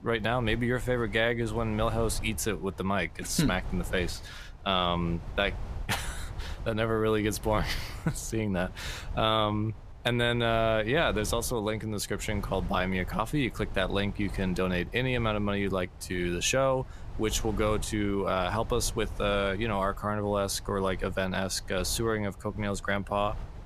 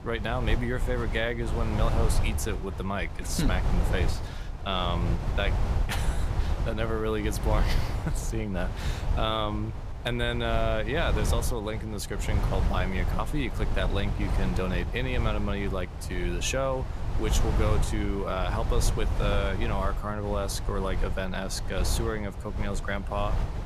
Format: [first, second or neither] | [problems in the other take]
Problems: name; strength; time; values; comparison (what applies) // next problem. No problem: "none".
first | wind noise on the microphone; heavy; 8 dB below the speech; occasional gusts in the first